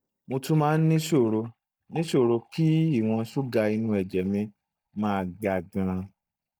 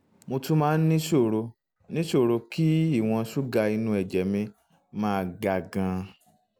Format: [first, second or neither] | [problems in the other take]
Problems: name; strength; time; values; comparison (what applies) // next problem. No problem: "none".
second | noise reduction (neural mask model DeepFilterNet 3)